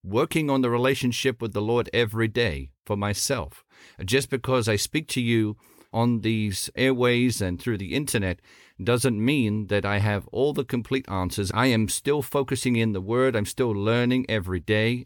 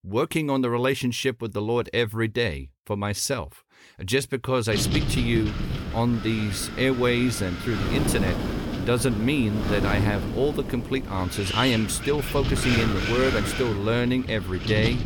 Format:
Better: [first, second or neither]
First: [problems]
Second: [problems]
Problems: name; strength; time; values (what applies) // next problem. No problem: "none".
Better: first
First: none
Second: wind noise on the microphone; heavy; from 4.5 s on; 5 dB below the speech